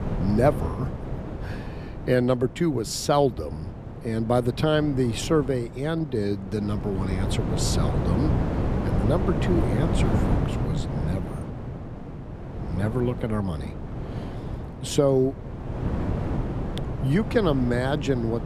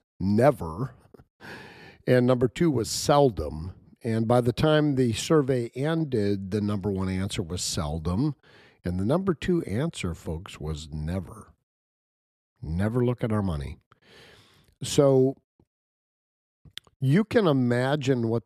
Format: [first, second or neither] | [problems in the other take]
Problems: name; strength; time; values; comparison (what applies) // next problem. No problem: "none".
second | wind noise on the microphone; heavy; 8 dB below the speech